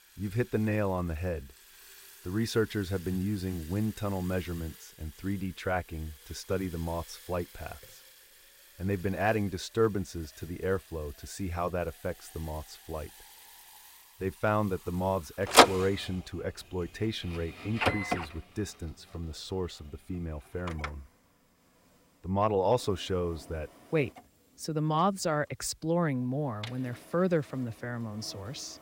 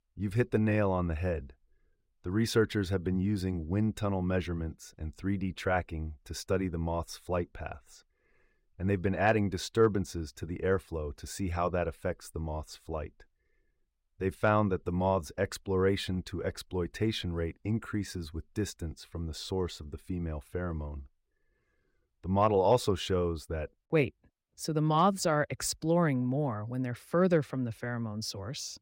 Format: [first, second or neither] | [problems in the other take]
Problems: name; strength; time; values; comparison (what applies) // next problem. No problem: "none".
second | household noises; very loud; throughout; 5 dB above the speech